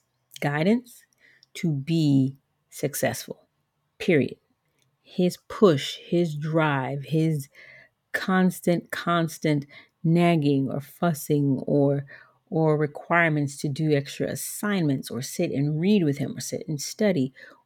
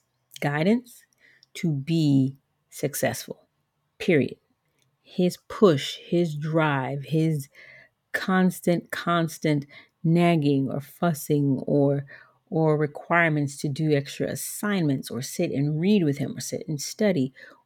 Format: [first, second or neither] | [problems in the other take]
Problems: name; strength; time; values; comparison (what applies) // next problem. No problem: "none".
neither | none